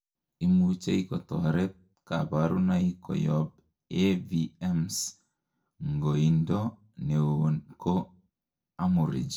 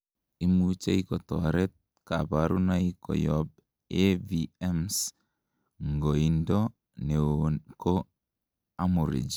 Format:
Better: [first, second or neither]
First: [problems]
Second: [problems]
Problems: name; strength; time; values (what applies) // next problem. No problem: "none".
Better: second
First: room echo; dies away in 0.2 s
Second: none